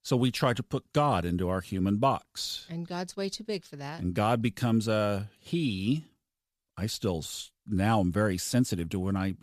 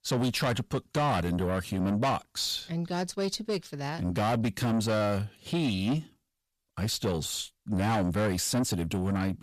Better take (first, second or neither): first